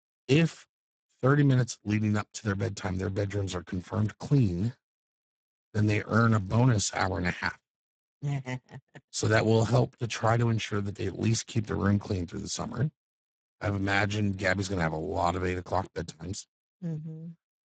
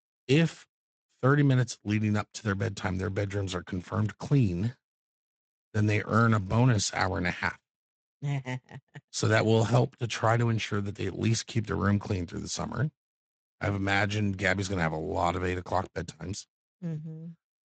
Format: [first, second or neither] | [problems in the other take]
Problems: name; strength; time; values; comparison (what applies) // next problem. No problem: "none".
second | garbled, watery; badly; nothing above 8 kHz; slightly in the second